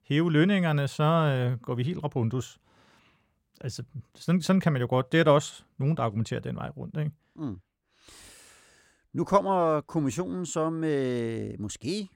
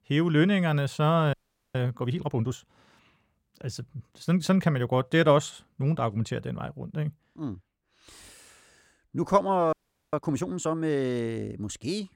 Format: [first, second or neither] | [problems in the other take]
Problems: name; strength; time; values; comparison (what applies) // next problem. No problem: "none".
first | audio freezing; at 1.5 s and at 9.5 s